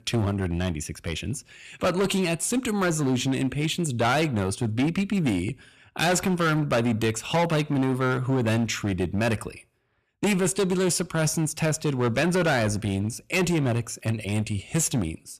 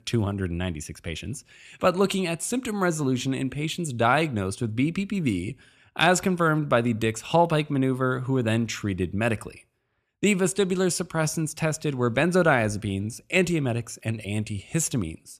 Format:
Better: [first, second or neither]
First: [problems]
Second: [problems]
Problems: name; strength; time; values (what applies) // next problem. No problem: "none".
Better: second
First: distortion; heavy; 13% of the sound clipped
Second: none